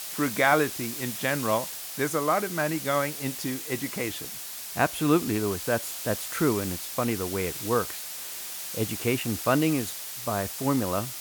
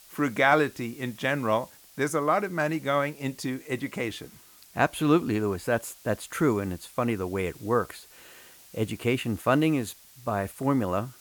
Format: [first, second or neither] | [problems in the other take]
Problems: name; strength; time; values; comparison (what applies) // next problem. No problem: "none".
second | hiss; loud; throughout; 6 dB below the speech; faint in the second